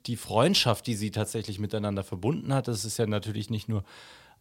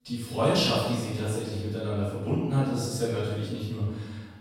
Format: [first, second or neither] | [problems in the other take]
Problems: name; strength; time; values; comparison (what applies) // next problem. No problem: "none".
first | off-mic speech; far // room echo; strong; dies away in 1.2 s